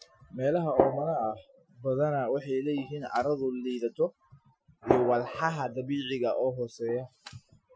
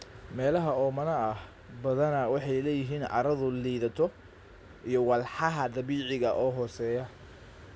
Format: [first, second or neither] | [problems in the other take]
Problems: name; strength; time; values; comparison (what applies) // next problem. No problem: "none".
second | noise reduction (classical method Wiener filter)